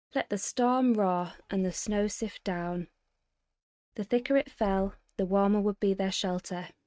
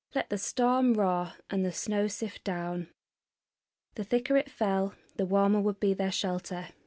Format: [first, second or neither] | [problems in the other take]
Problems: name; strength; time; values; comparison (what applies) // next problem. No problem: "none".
second | noise reduction (neural mask model RNNoise)